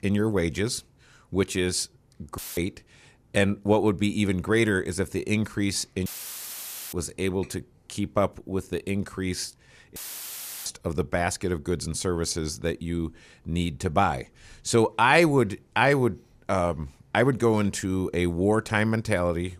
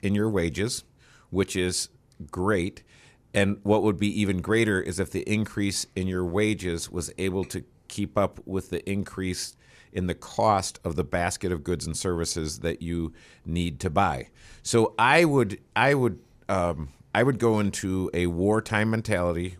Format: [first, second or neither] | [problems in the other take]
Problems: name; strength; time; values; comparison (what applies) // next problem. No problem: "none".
second | audio cutting out; filled with static; at 2.5 s, at 6 s for 1 s and at 10 s for 0.5 s